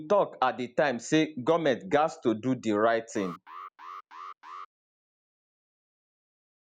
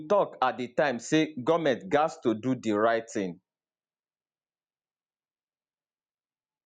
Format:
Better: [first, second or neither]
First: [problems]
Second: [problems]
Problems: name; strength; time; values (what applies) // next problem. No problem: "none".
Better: second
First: noise reduction (neural mask model Resemble Enhance denoiser)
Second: none